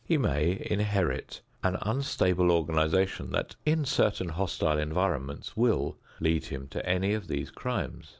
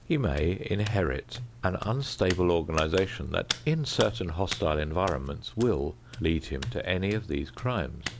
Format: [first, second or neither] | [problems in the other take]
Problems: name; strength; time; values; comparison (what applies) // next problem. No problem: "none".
first | background sound (Hands); 12 dB below the speech